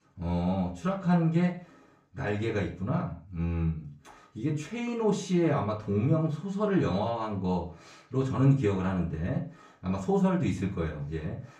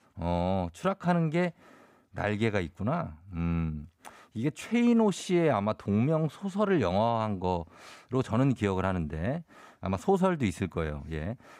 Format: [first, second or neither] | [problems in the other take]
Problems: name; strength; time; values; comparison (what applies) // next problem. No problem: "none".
second | room echo; slight; dies away in 0.3 s // off-mic speech; far